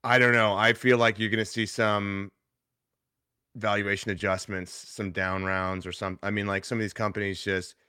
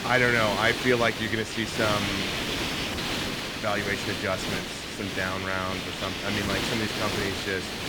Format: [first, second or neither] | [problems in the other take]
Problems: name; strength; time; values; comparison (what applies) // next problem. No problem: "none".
first | hiss; loud; throughout; 2 dB below the speech